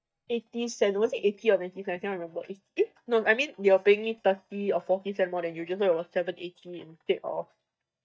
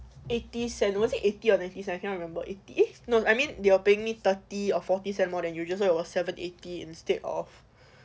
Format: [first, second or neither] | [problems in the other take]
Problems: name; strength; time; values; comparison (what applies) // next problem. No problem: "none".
second | noise reduction (neural mask model DeepFilterNet 3)